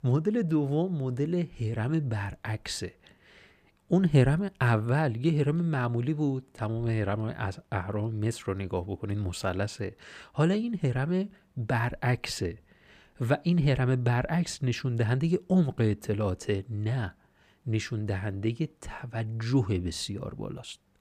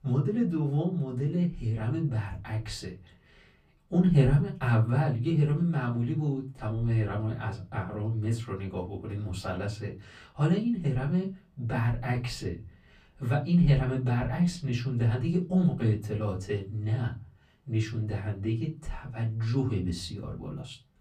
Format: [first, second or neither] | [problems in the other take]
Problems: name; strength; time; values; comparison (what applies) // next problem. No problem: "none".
first | off-mic speech; far // room echo; very slight; dies away in 0.3 s